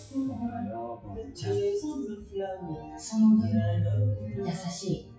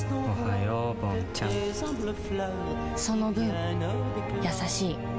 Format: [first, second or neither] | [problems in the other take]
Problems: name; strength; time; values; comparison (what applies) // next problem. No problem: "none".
second | noise reduction (classical method WPE with log-MMSE)